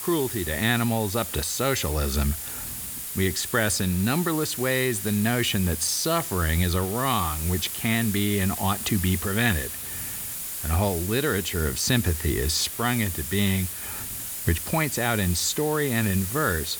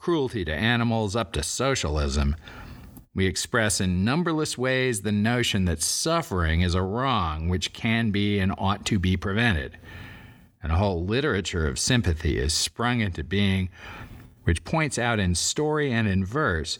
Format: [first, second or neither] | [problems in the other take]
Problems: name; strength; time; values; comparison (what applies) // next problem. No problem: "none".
second | hiss; loud; throughout; 6 dB below the speech